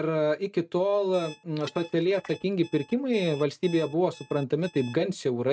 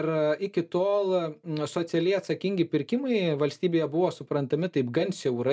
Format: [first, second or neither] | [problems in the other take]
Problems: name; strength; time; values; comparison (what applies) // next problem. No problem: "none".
second | noise reduction (neural mask model RNNoise)